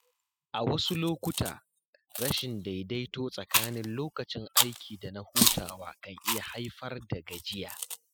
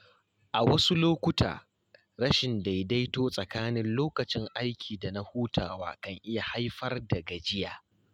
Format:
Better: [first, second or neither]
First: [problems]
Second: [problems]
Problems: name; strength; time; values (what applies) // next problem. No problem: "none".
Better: second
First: noise reduction (classical method spectral subtraction)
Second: none